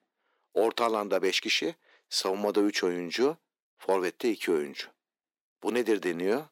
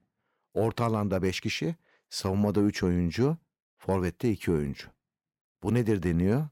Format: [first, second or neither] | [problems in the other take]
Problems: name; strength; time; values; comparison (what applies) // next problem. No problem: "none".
second | thin; somewhat; fading below 300 Hz